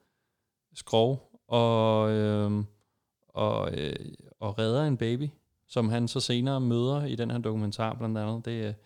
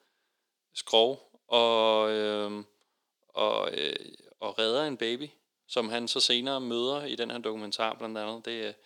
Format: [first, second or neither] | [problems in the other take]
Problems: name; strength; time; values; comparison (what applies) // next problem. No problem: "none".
first | thin; somewhat; fading below 300 Hz